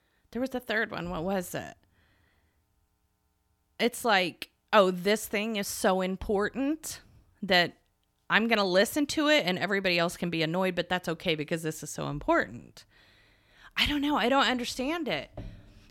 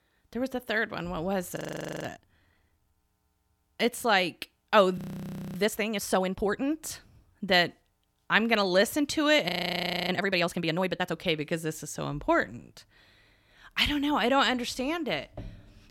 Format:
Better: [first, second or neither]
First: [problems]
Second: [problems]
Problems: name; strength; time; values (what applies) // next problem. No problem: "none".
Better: first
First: none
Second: audio freezing; at 1.5 s, at 5 s for 0.5 s and at 9.5 s for 0.5 s